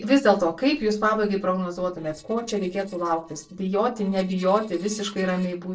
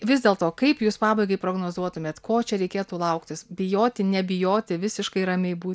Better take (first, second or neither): second